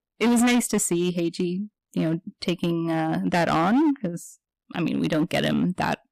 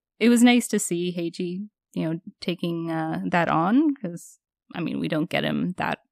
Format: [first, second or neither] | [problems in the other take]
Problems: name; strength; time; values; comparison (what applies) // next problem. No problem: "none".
second | distortion; heavy; 10% of the sound clipped